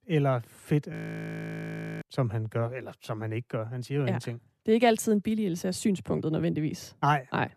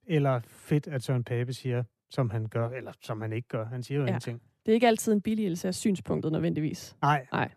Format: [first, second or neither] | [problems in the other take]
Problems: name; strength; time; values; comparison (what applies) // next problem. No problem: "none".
second | audio freezing; at 1 s for 1 s